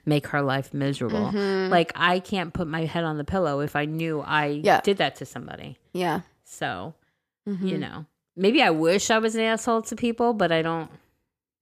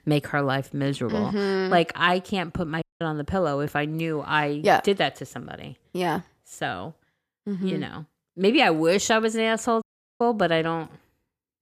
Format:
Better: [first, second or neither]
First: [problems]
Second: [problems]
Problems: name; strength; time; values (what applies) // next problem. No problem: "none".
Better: first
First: none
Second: audio cutting out; at 3 s and at 10 s